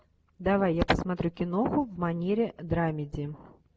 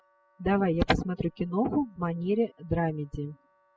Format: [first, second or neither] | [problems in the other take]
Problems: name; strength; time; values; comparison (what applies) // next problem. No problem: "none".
first | noise reduction (classical method spectral subtraction)